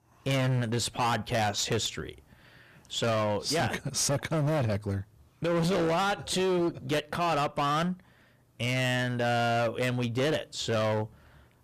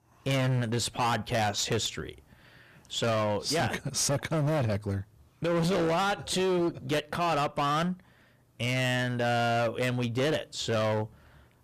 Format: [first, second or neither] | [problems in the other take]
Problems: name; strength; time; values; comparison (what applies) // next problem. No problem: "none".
neither | distortion; heavy; 21% of the sound clipped; the same in both